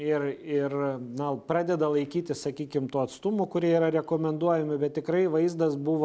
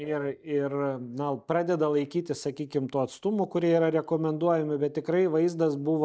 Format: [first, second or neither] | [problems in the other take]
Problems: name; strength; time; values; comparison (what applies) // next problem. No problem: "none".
first | noise reduction (neural mask model DeepFilterNet 3)